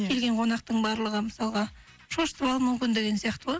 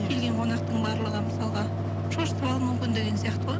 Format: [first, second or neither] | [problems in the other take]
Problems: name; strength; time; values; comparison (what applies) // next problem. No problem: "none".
first | background sound (Mechanical fan); 2 dB above the speech